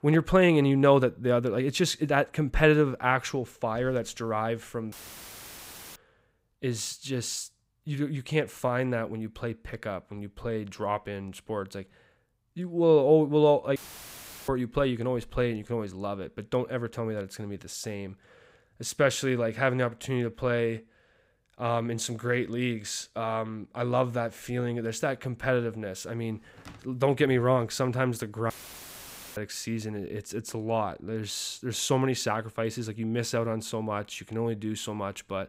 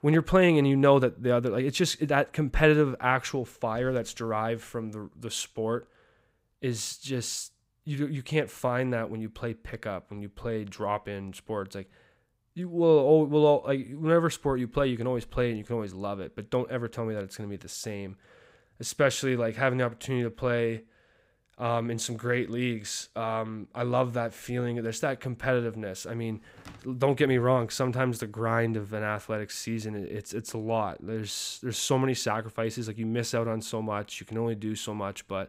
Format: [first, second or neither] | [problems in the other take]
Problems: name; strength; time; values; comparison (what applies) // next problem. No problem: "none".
second | audio cutting out; filled with static; at 5 s for 1 s, at 14 s for 0.5 s and at 29 s for 1 s